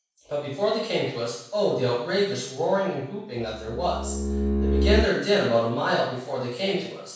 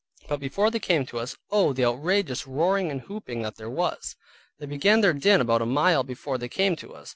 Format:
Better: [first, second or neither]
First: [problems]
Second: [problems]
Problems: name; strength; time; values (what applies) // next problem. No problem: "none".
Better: second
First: background sound (Bowed string instrument); 1 dB above the speech // room echo; dies away in 0.7 s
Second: none